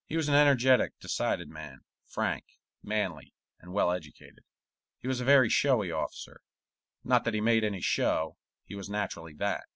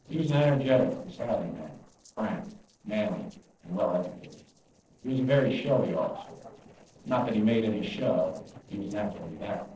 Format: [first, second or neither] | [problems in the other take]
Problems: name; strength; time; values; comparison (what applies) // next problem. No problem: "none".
first | noise reduction (neural separator model SepFormer DNS4)